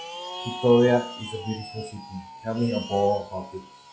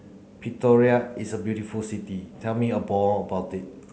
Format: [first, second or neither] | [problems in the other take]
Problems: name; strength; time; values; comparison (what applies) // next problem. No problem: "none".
second | noise reduction (classical method log-MMSE)